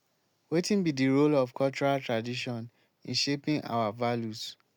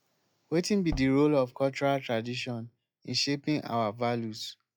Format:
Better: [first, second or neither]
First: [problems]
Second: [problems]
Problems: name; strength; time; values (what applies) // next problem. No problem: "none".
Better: first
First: none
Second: noise reduction (classical method log-MMSE)